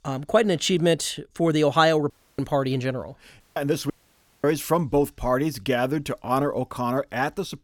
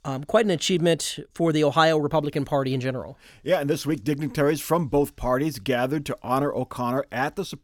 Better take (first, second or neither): second